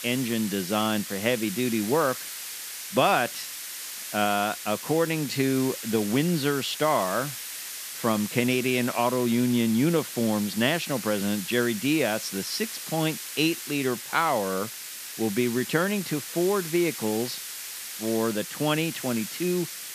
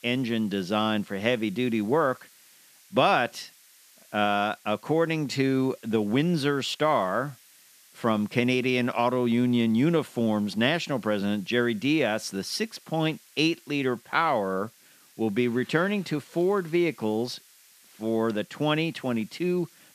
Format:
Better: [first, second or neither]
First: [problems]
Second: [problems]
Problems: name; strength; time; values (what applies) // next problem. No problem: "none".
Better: second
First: hiss; loud; throughout; 8 dB below the speech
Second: hiss; faint; throughout; 25 dB below the speech